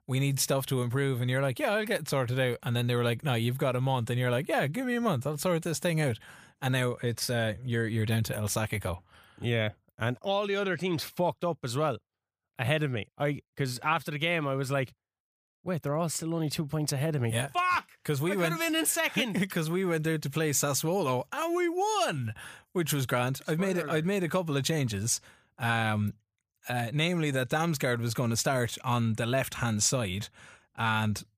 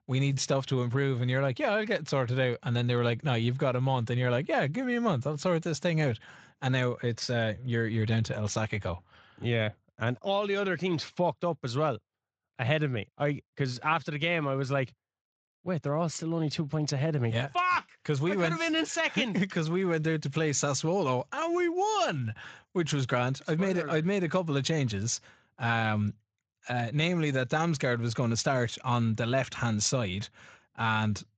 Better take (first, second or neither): first